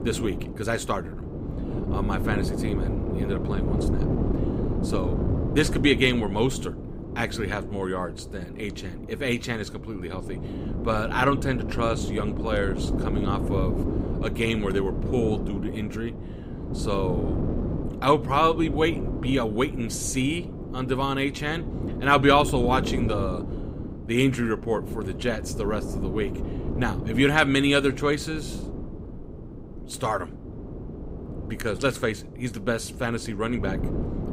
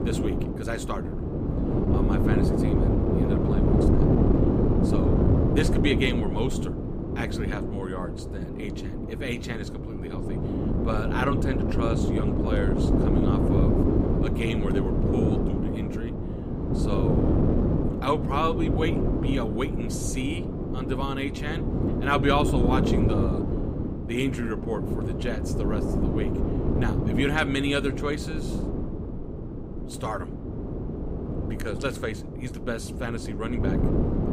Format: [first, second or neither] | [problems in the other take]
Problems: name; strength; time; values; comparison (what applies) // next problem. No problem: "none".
first | wind noise on the microphone; heavy; as loud as the speech; occasional gusts in the first